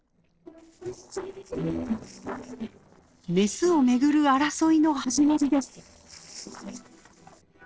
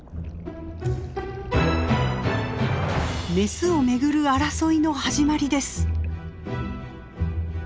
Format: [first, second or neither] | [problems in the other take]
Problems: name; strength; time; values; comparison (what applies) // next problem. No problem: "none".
second | noise reduction (neural separator model SepFormer DNS4)